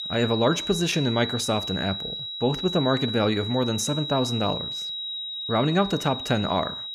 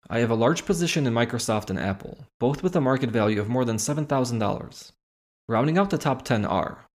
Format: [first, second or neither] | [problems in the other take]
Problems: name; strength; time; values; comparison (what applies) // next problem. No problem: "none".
second | high-pitched whine; loud; throughout; 4 kHz, 5 dB below the speech